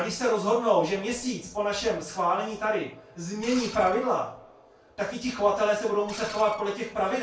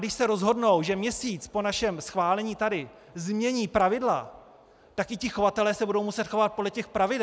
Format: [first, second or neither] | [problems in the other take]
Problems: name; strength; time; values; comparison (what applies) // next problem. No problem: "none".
second | background sound (Screech); 16 dB below the speech // room echo; dies away in 0.3 s